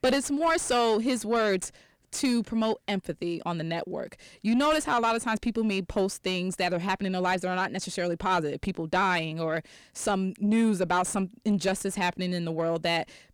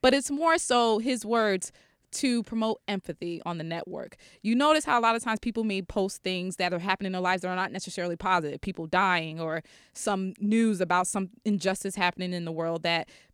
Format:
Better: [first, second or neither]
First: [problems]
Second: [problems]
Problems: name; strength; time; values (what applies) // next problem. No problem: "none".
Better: second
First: distortion; slight; 10 dB below the speech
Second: none